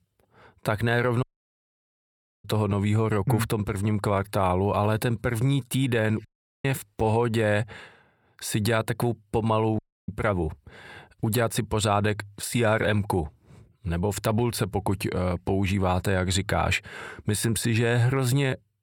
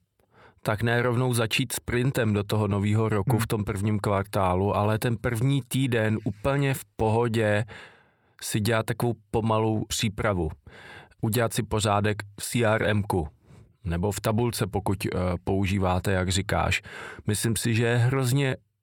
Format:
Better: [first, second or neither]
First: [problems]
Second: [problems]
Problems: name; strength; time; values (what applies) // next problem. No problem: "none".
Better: second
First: audio cutting out; at 1 s for 1 s, at 6.5 s and at 10 s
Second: none